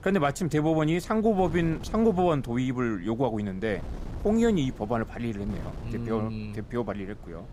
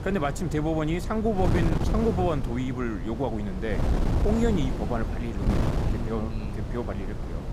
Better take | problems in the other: first | wind noise on the microphone; heavy; 6 dB below the speech; occasional gusts in the first

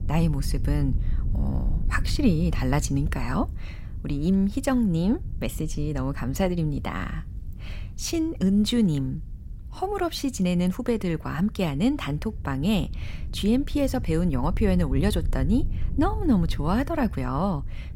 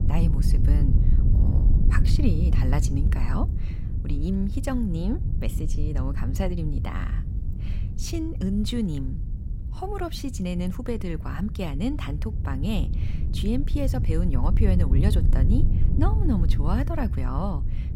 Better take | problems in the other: first | wind noise on the microphone; heavy; 7 dB below the speech; occasional gusts in the first

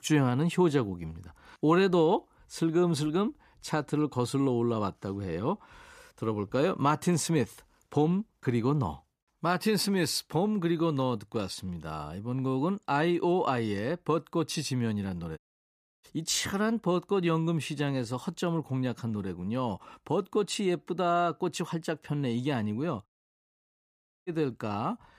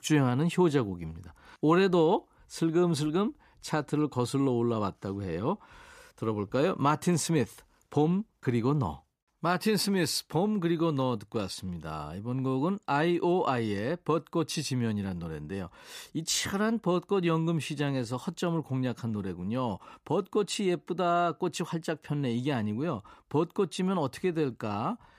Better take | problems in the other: second | audio cutting out; at 15 s for 0.5 s and at 23 s for 1 s

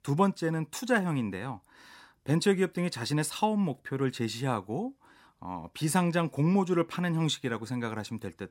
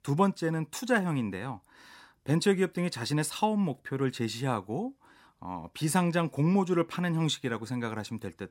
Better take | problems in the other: neither | none

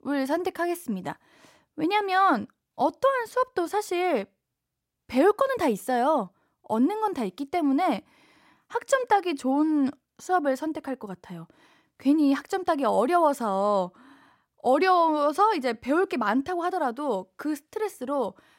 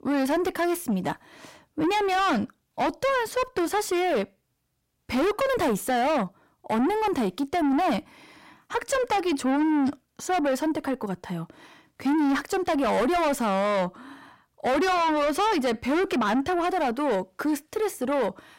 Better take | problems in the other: first | distortion; heavy; 6 dB below the speech

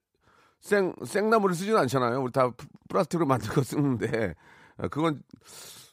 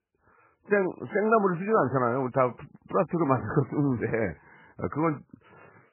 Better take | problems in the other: first | garbled, watery; badly; nothing above 2.5 kHz

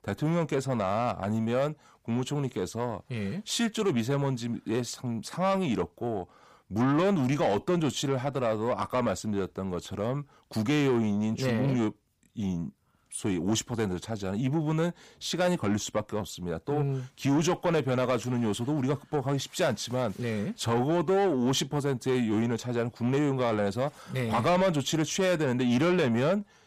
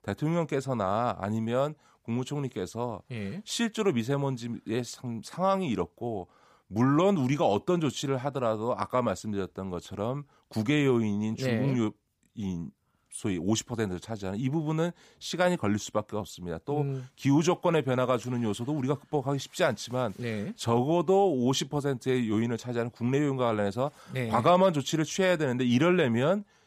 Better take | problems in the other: second | distortion; slight; 10 dB below the speech

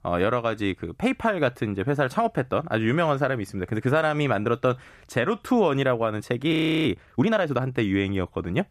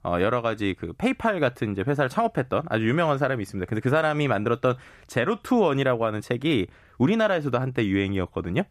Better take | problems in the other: second | audio freezing; at 6.5 s

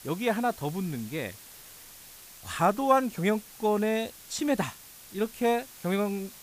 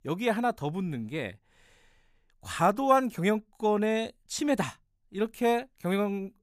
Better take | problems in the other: second | hiss; noticeable; throughout; 15 dB below the speech

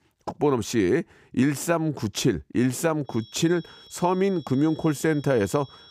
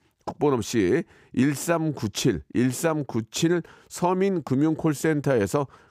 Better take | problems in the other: second | high-pitched whine; faint; from 3 s on; 3.5 kHz, 25 dB below the speech

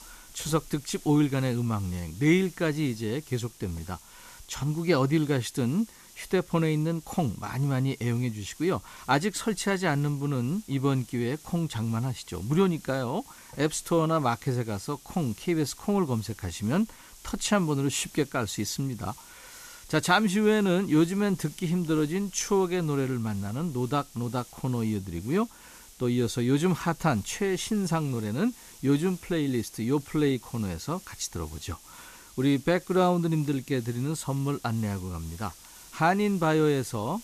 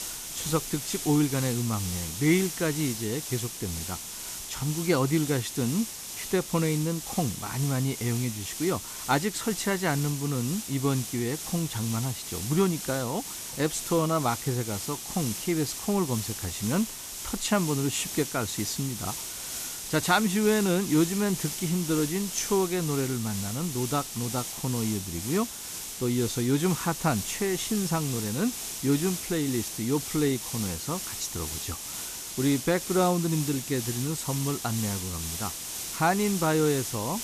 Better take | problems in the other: first | hiss; loud; throughout; 5 dB below the speech; faint in the first

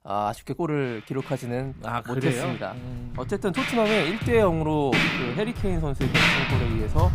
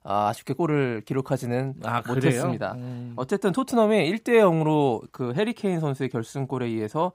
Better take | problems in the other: second | background music; very loud; throughout; 1 dB above the speech

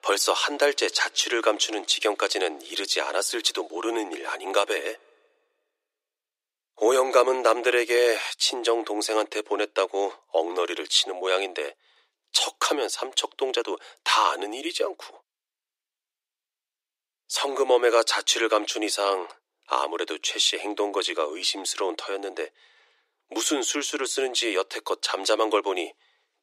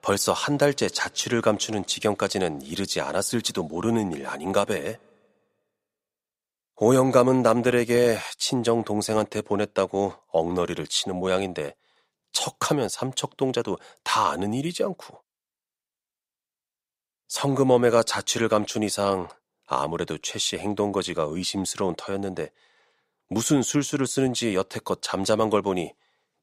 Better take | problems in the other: second | thin; very; fading below 300 Hz

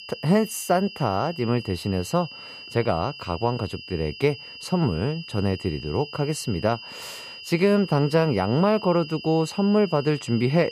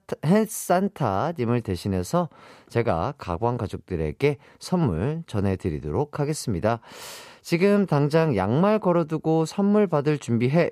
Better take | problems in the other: second | high-pitched whine; noticeable; throughout; 3 kHz, 15 dB below the speech

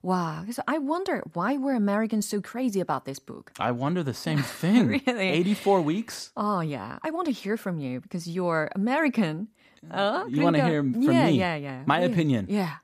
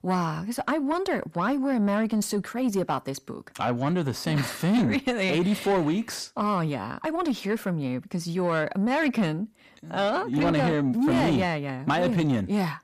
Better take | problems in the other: first | distortion; slight; 10 dB below the speech

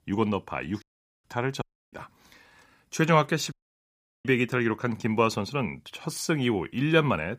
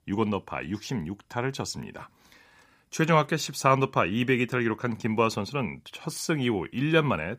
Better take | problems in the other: second | audio cutting out; at 1 s, at 1.5 s and at 3.5 s for 0.5 s

